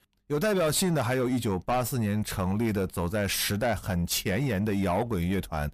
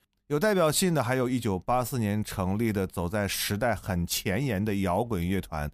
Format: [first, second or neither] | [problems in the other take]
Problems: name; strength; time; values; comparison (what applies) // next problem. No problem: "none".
second | distortion; slight; 10 dB below the speech